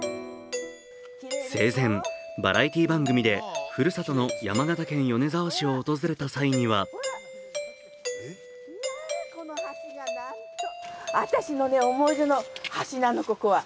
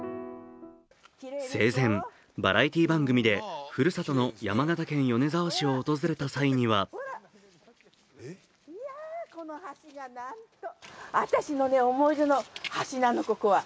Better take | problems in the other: second | background sound (Doorbell); 10 dB below the speech

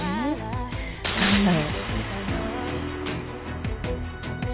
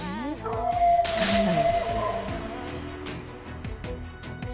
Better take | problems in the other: first | background sound (Dog); 5 dB above the speech

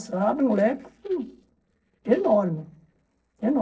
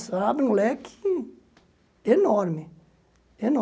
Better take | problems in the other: second | noise reduction (neural separator model SepFormer DNS4)

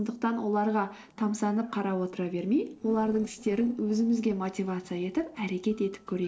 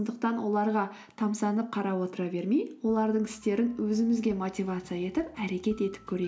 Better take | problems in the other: second | noise reduction (neural separator model SepFormer DNS4)

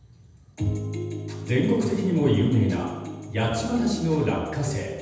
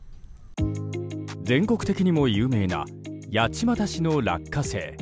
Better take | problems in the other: second | room echo; dies away in 1.1 s

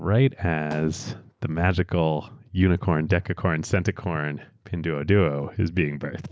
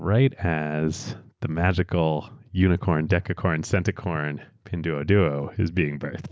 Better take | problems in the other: second | background sound (Fireworks); 20 dB below the speech

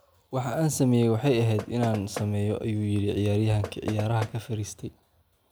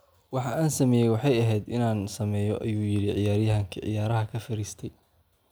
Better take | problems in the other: second | background sound (Knock); 12 dB below the speech

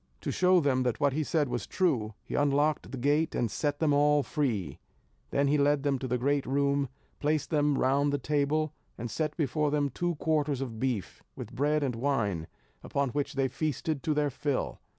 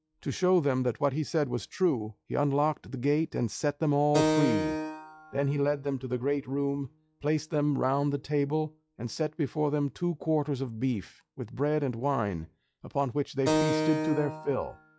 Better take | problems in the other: first | noise reduction (classical method log-MMSE)

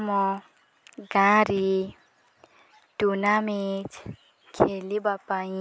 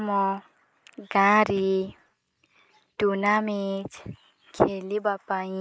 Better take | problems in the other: first | noise reduction (neural mask model Resemble Enhance denoiser)

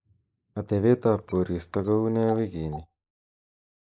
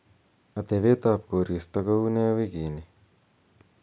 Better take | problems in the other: second | noise reduction (neural mask model Resemble Enhance denoiser)

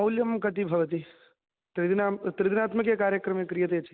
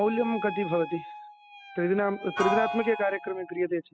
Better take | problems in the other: first | noise reduction (classical method spectral subtraction)

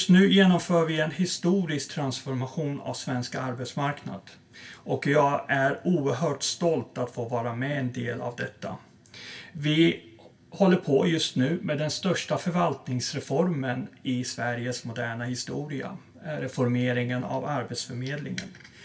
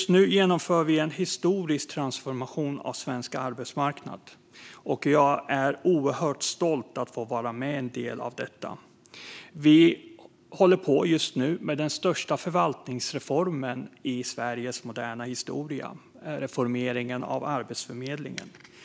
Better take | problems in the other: second | room echo; dies away in 0.2 s

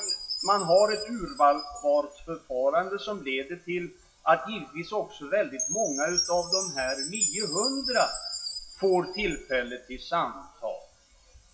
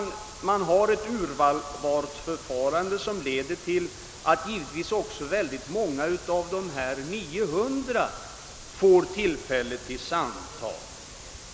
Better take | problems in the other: second | noise reduction (classical method WPE with log-MMSE)

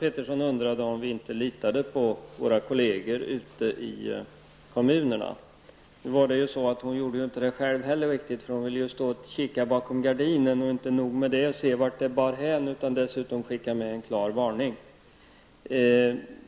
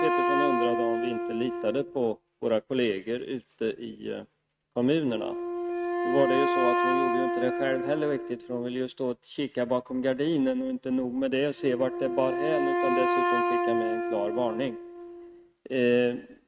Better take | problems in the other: first | noise reduction (neural mask model RNNoise)

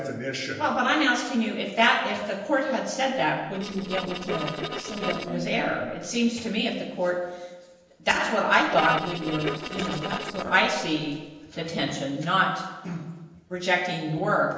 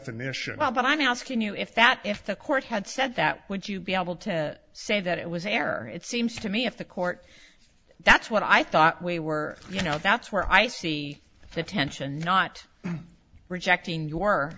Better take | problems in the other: second | noise reduction (neural separator model SepFormer DNS4)

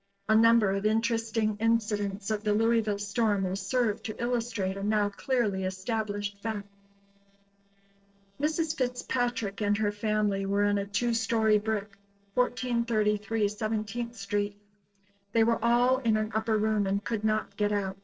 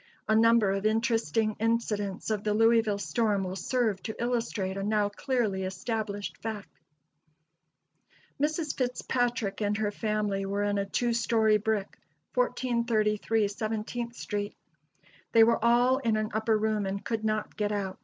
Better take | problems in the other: second | noise reduction (neural separator model SepFormer DNS4)

